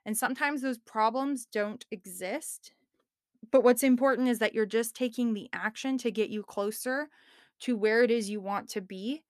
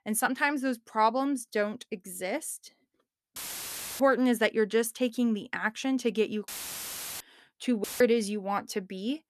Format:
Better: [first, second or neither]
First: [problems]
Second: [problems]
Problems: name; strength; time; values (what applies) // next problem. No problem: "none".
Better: first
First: none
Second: audio cutting out; filled with static; at 3.5 s for 0.5 s, at 6.5 s for 0.5 s and at 8 s